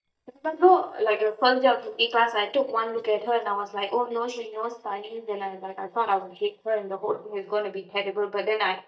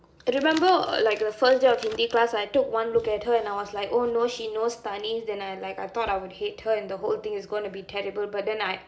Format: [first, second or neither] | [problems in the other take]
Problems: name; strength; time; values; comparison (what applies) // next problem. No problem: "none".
second | noise reduction (neural mask model DeepFilterNet 3)